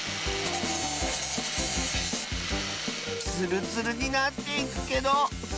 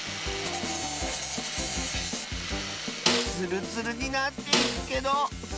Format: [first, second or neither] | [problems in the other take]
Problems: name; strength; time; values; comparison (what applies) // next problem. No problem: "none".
first | background sound (Snare drum); 1 dB above the speech